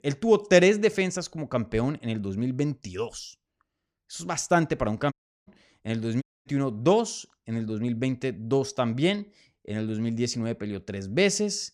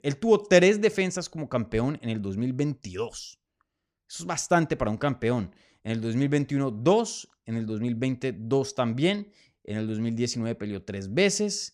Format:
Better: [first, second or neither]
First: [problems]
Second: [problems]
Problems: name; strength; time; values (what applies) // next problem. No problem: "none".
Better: second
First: audio cutting out; at 5 s and at 6 s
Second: none